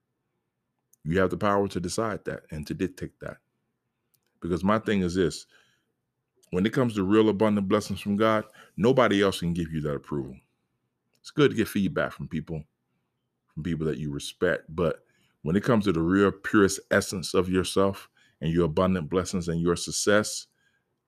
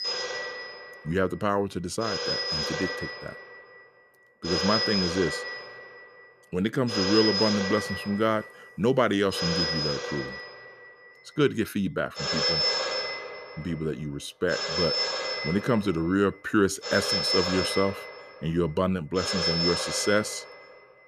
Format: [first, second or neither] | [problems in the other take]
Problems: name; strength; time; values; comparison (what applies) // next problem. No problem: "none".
first | alarms or sirens; loud; throughout; as loud as the speech